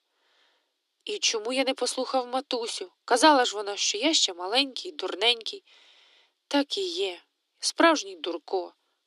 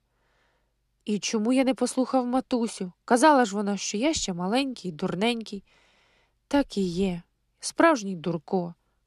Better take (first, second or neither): second